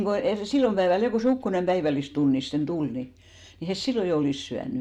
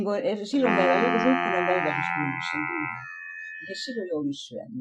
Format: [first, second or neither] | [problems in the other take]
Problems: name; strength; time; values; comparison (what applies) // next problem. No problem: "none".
first | noise reduction (classical method Wiener filter)